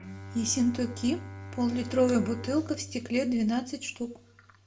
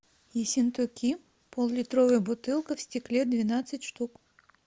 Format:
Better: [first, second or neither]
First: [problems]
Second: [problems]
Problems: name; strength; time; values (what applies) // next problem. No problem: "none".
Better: second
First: background sound (Bowed string instrument); 13 dB below the speech // room echo; dies away in 0.3 s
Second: none